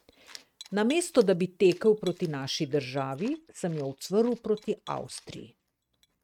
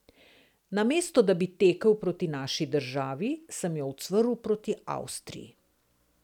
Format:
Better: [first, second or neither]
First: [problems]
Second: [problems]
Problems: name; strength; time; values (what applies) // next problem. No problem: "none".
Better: second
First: noise reduction (neural mask model RNNoise)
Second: none